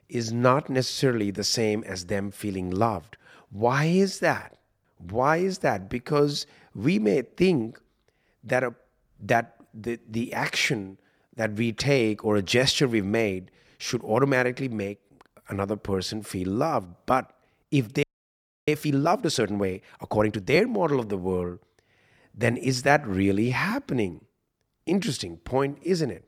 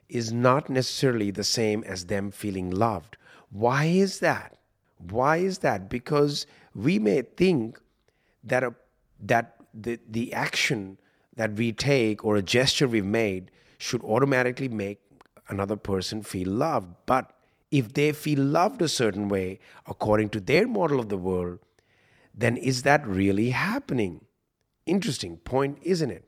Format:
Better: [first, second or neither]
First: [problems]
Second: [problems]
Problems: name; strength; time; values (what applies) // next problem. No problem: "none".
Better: second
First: audio freezing; at 18 s for 0.5 s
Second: none